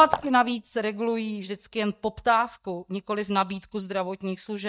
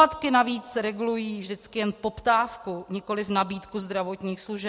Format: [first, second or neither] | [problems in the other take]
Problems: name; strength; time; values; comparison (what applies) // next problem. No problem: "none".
second | noise reduction (neural mask model DeepFilterNet 3)